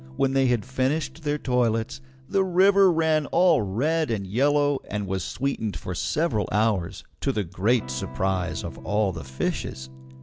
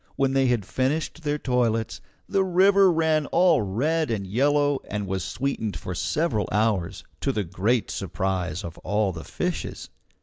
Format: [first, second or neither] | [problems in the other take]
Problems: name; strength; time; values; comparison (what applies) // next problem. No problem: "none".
second | background sound (Electric guitar / Strum); 20 dB below the speech